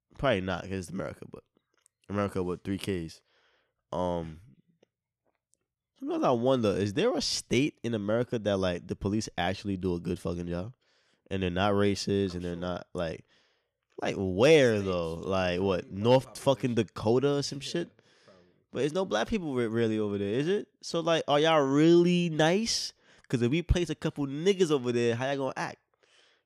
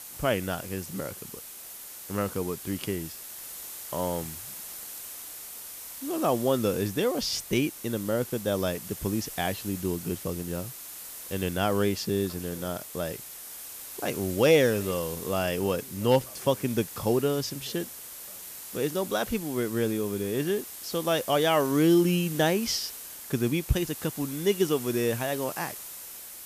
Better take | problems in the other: first | hiss; noticeable; throughout; 10 dB below the speech

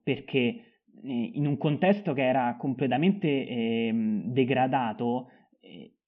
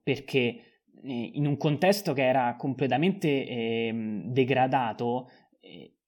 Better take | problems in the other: second | muffled; very; fading above 3 kHz

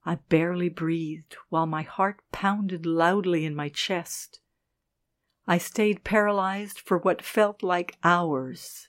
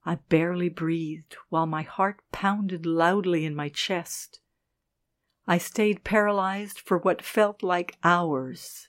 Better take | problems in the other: neither | none

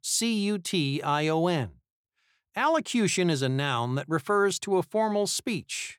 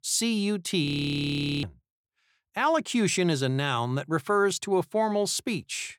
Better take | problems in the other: first | audio freezing; at 1 s for 1 s

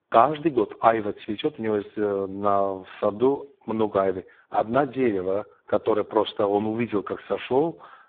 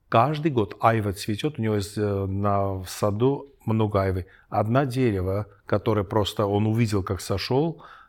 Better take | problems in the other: second | phone-call audio; poor line

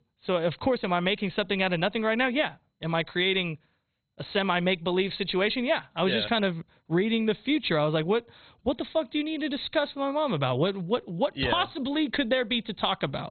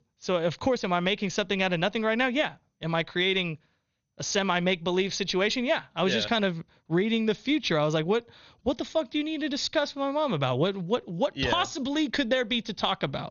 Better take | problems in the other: second | garbled, watery; badly; nothing above 4 kHz; slightly in the second

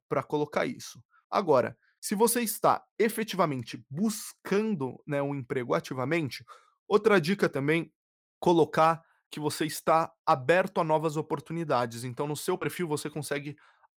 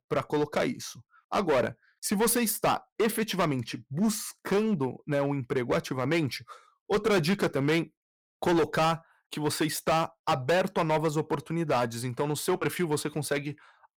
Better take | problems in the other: first | distortion; heavy; 9% of the sound clipped

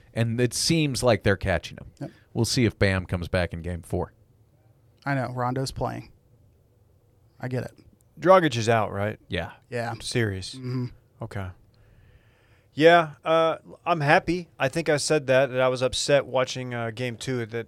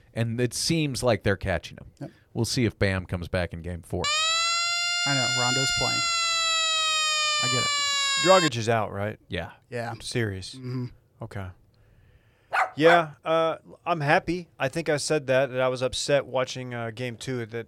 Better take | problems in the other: first | siren; loud; from 4 to 8.5 s; peak 5 dB above the speech // dog barking; loud; at 13 s; peak 3 dB above the speech

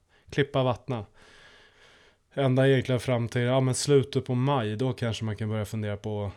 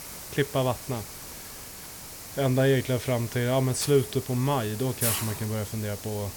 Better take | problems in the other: first | hiss; loud; throughout; 8 dB below the speech

